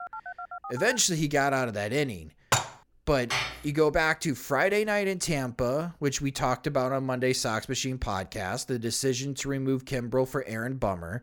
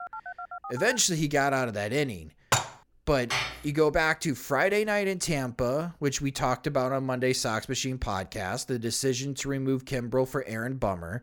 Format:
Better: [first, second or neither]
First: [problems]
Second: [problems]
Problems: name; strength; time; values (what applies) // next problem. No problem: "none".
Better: neither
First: phone ringing; faint; at the start; peak 10 dB below the speech // clattering dishes; loud; at 2.5 s; peak 1 dB above the speech // clattering dishes; noticeable; at 3.5 s; peak 2 dB below the speech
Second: phone ringing; faint; at the start; peak 10 dB below the speech // clattering dishes; loud; at 2.5 s; peak 1 dB above the speech // clattering dishes; noticeable; at 3.5 s; peak 2 dB below the speech